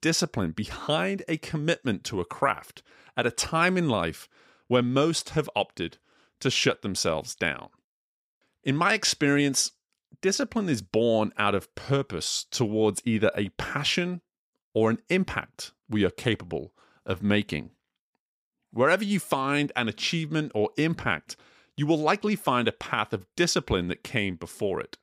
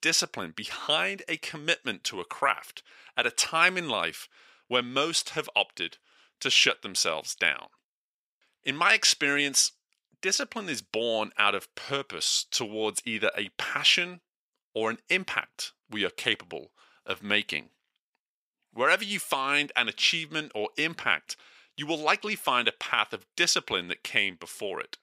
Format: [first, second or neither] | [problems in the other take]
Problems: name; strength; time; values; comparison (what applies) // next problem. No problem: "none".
first | thin; somewhat; fading below 1 kHz